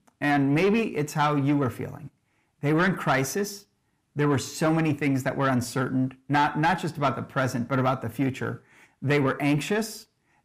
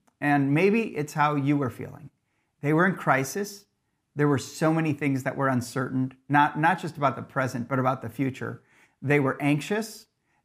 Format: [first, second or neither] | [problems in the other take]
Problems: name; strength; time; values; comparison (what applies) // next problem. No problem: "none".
second | distortion; slight; 10 dB below the speech